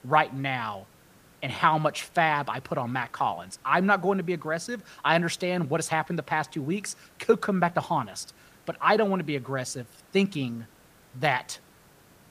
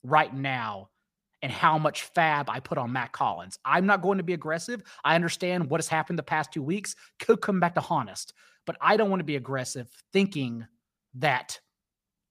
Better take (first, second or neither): second